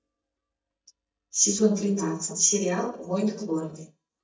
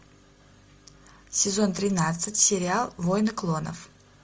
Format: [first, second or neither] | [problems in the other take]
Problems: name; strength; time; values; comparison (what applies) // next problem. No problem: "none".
second | noise reduction (neural mask model DeepFilterNet 3)